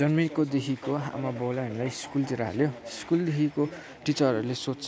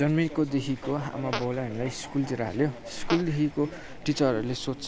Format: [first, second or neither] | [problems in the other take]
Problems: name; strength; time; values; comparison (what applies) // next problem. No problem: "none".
first | background sound (Rain + Fart); 12 dB below the speech